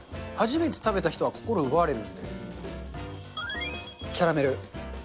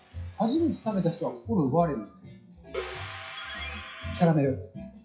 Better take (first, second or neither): first